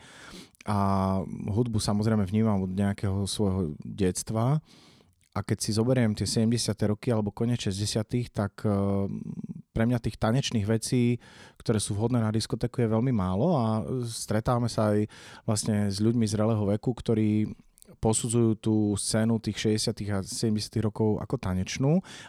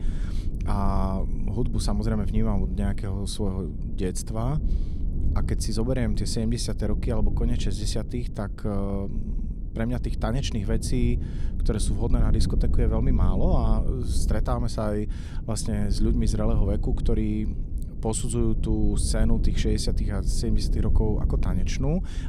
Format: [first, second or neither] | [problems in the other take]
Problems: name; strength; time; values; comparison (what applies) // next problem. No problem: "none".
first | low rumble; noticeable; throughout; 10 dB below the speech